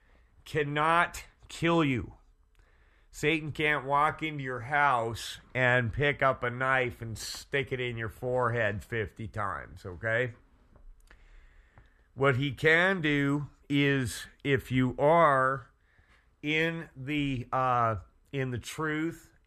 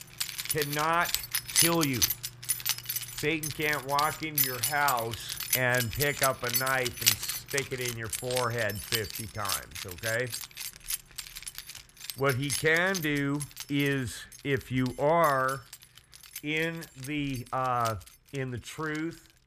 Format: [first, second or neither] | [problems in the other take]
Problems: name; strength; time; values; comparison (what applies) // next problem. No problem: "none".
first | household noises; loud; throughout; 1 dB below the speech